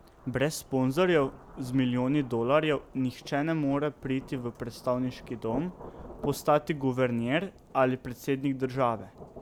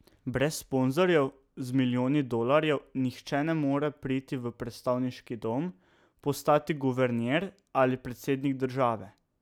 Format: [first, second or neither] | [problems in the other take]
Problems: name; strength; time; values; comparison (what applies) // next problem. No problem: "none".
second | background sound (Rain / Thunderstorm); 18 dB below the speech